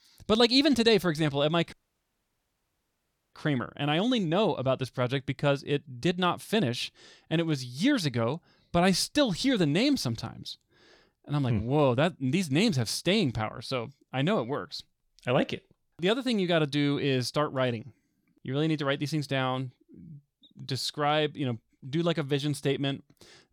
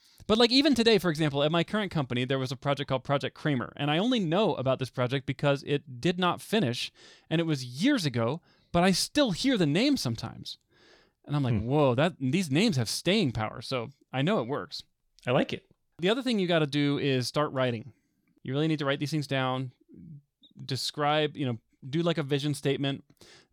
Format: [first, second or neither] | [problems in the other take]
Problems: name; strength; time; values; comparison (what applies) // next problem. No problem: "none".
second | audio cutting out; at 1.5 s for 1.5 s